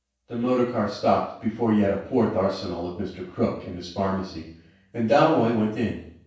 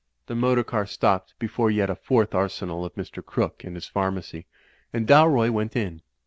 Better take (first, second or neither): second